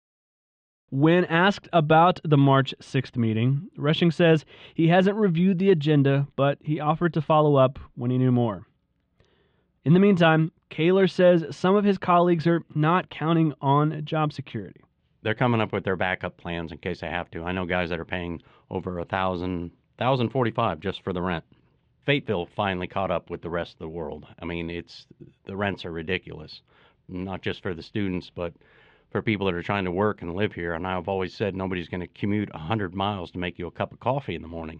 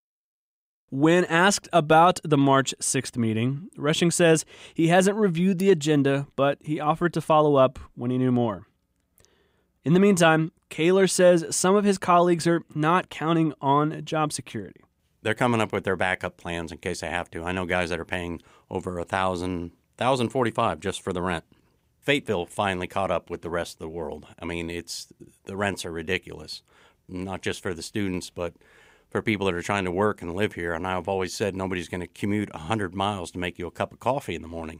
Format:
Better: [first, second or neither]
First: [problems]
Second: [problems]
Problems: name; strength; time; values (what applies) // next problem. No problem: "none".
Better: second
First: muffled; slightly; fading above 3.5 kHz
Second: none